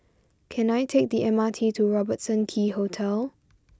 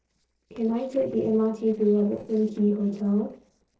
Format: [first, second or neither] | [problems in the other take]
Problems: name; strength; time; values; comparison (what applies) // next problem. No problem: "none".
first | noise reduction (neural separator model SepFormer DNS4)